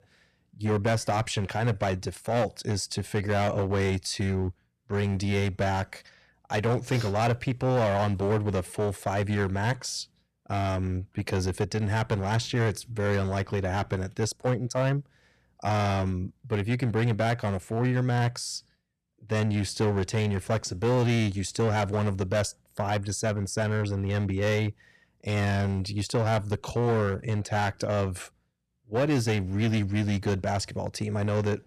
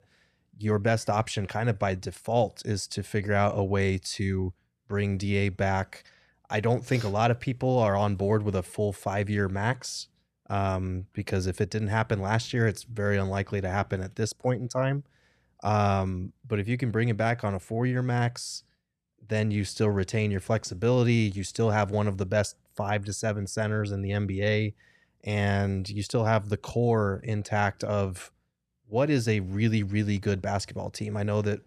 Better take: second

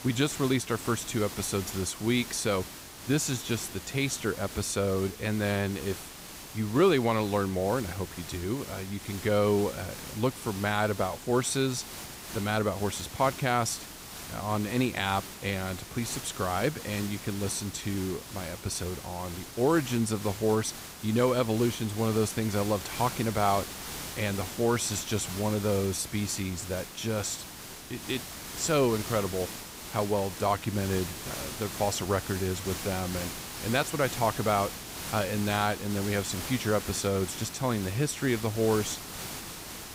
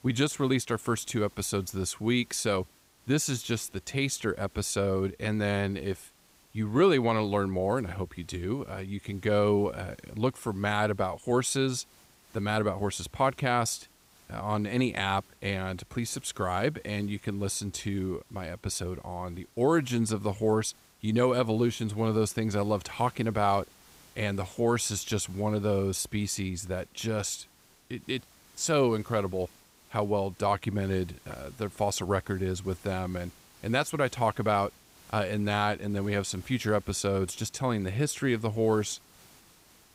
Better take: second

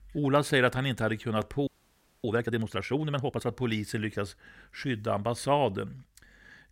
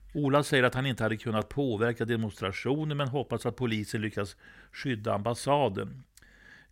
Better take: second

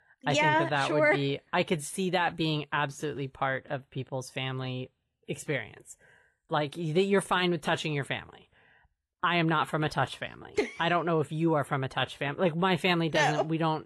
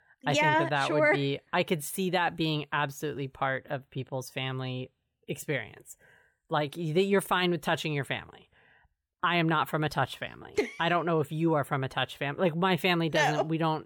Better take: second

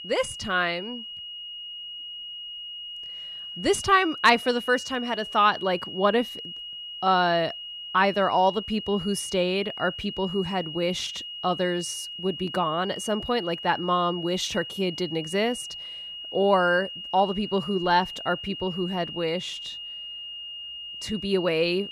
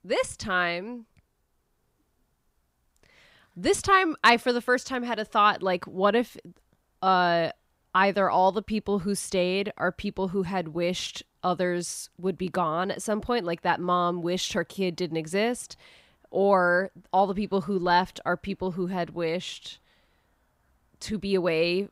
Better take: second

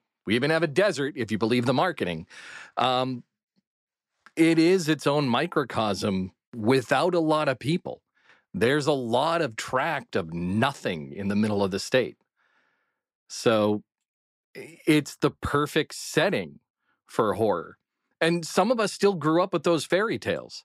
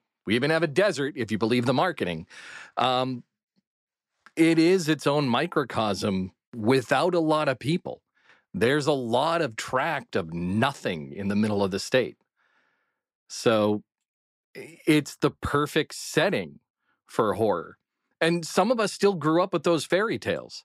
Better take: neither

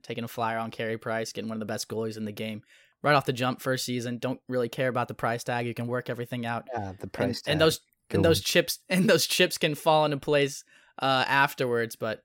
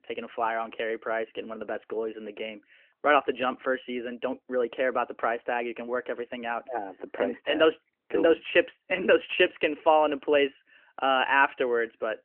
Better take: first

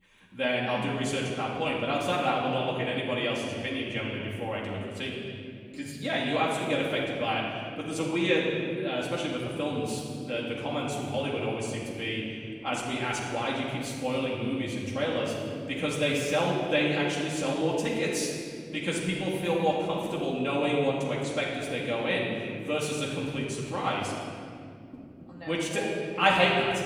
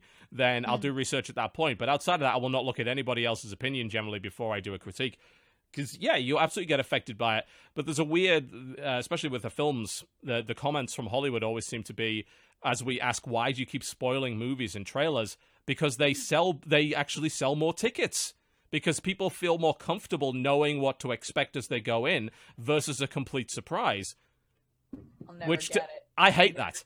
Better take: second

